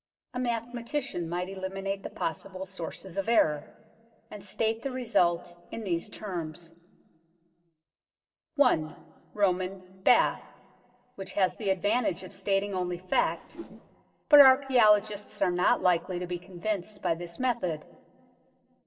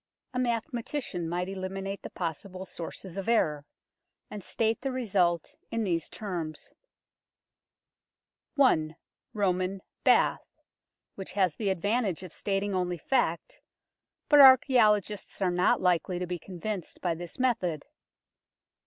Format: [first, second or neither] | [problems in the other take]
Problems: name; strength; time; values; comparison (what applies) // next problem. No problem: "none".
second | noise reduction (neural separator model SepFormer DNS4)